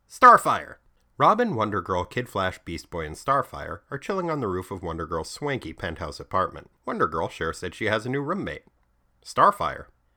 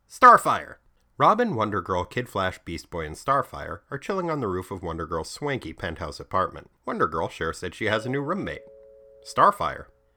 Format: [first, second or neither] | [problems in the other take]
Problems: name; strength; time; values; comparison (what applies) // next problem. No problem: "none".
first | doorbell; faint; from 8 to 9.5 s; peak 15 dB below the speech